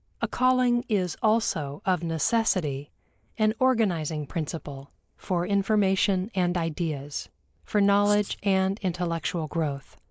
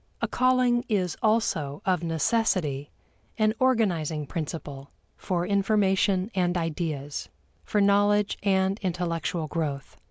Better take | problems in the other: second | noise reduction (neural mask model Resemble Enhance denoiser)

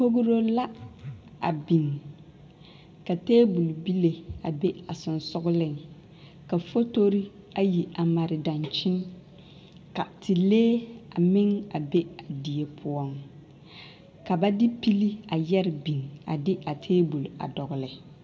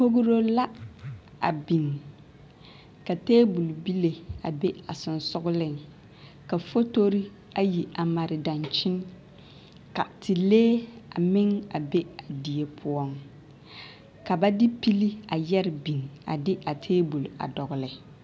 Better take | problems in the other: second | room echo; dies away in 1.1 s

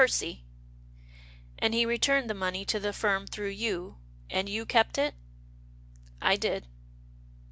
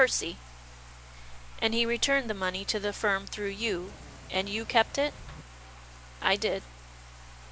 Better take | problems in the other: first | background sound (Bathtub (filling or washing) + Engine / Mechanisms); 15 dB below the speech

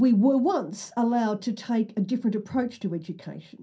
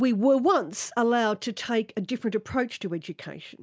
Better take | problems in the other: second | room echo; dies away in 0.3 s

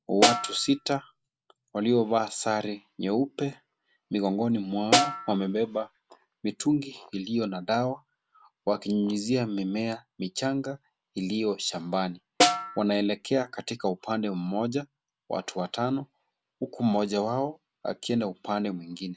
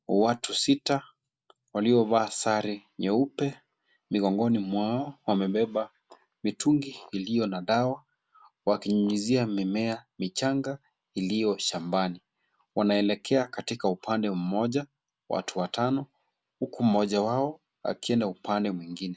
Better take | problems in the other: second | background sound (Snare drum); 2 dB above the speech

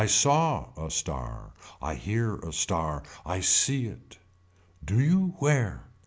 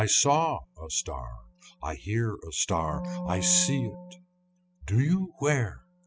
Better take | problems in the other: first | noise reduction (classical method spectral subtraction)

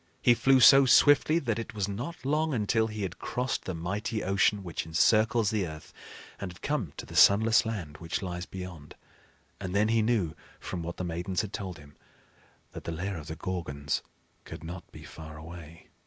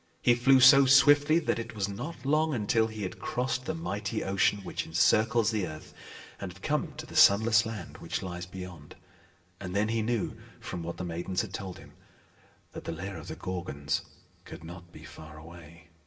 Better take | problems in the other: first | background sound (Walk, footsteps); 18 dB below the speech // room echo; dies away in 0.6 s

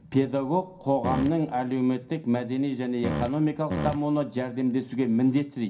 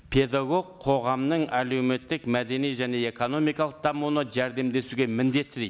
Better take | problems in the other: second | background sound (Fart); 5 dB below the speech // room echo; dies away in 0.3 s

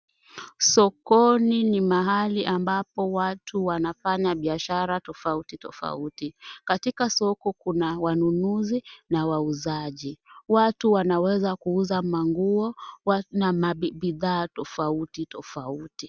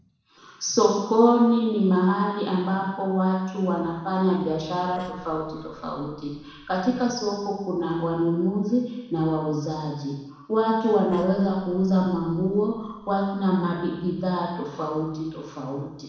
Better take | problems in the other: first | noise reduction (neural separator model SepFormer DNS4)

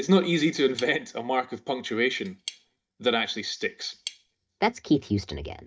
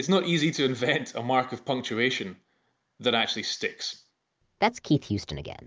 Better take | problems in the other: second | noise reduction (neural mask model DeepFilterNet 3)

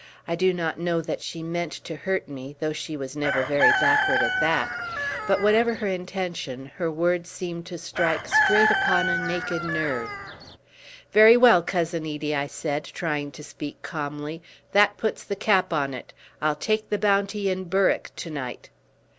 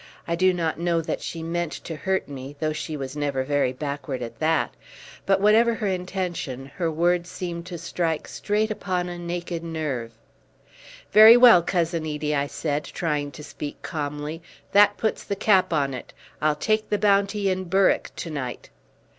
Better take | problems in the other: second | background sound (Chicken, rooster); as loud as the speech

